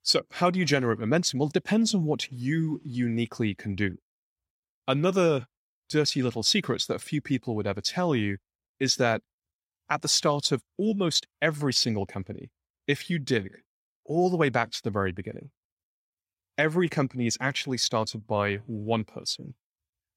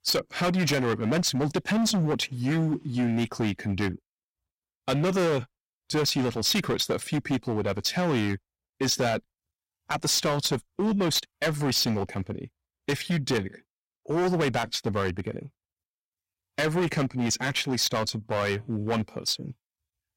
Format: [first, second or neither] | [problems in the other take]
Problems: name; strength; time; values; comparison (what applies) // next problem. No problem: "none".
first | distortion; heavy; 14% of the sound clipped